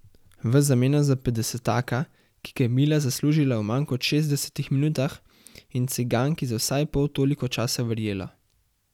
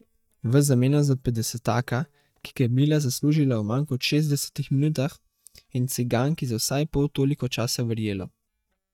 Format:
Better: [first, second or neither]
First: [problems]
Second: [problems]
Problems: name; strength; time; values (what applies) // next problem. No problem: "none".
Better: first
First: none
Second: noise reduction (neural mask model DeepFilterNet 3)